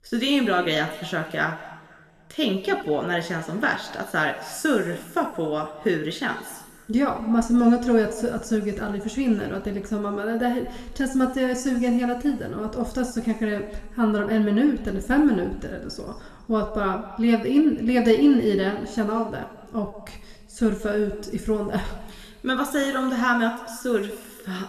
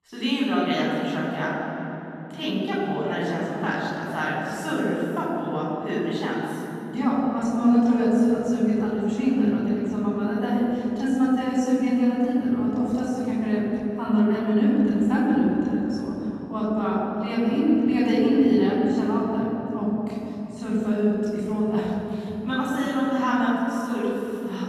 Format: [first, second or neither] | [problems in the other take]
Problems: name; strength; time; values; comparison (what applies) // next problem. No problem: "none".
first | room echo; strong; dies away in 3 s; slight in the first // off-mic speech; far